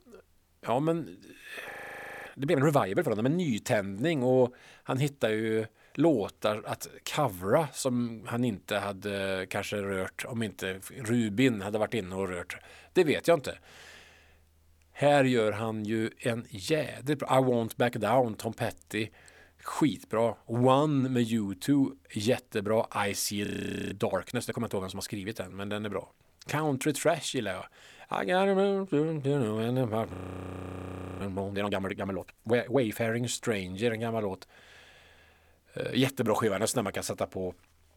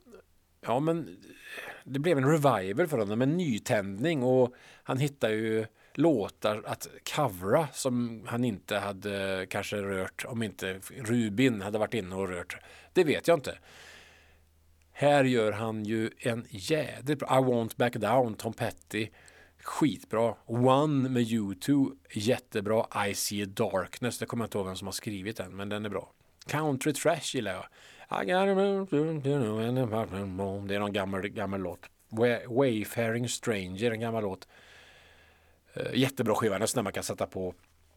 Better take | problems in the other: second | audio freezing; at 1.5 s for 0.5 s, at 23 s and at 30 s for 1 s

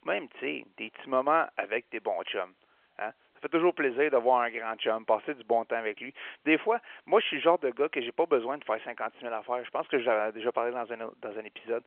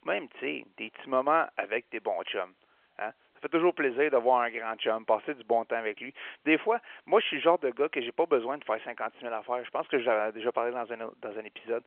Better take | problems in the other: neither | phone-call audio; nothing above 3 kHz; the same in both

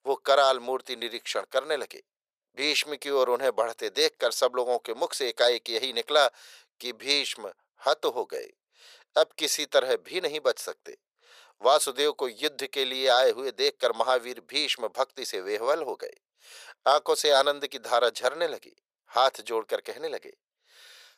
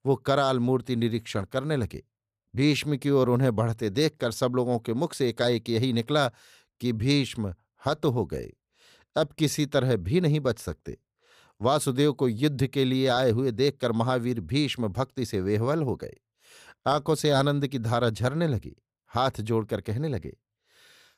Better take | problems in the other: second | thin; very; fading below 500 Hz

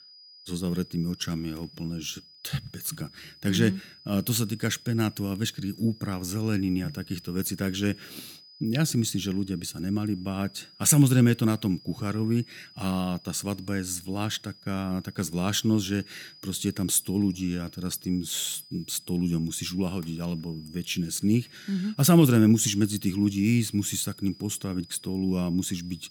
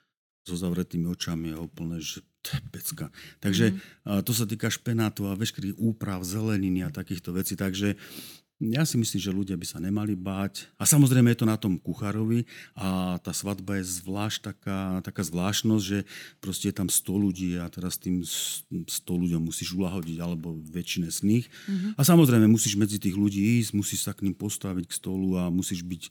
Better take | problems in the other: second | high-pitched whine; faint; throughout; 5 kHz, 20 dB below the speech

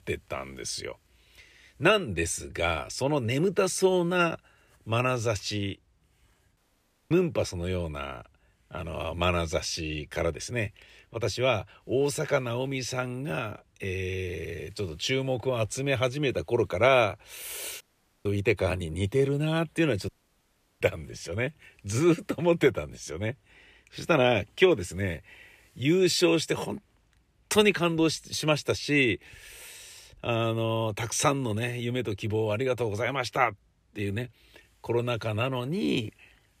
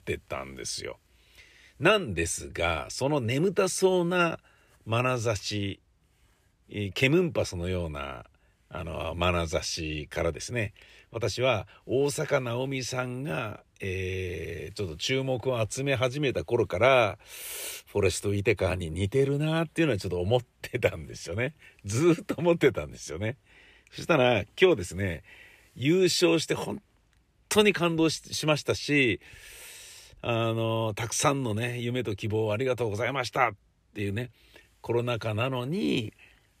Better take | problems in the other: second | audio cutting out; at 6.5 s for 0.5 s, at 18 s and at 20 s for 0.5 s

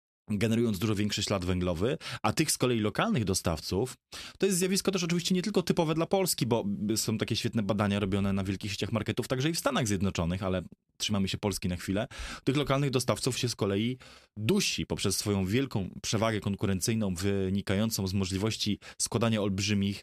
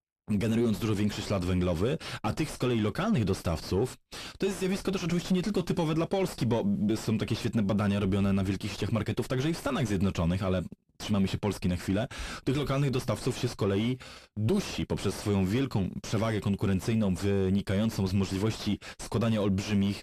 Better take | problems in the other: first | distortion; heavy; 5 dB below the speech

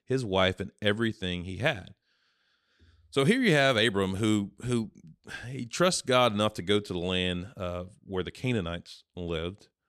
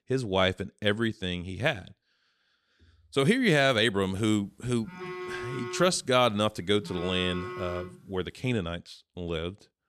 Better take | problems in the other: first | phone ringing; noticeable; from 5 to 8 s; peak 9 dB below the speech

